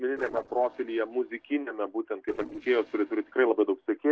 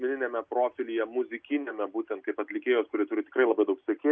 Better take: second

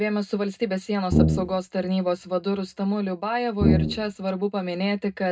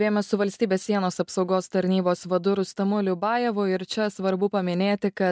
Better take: second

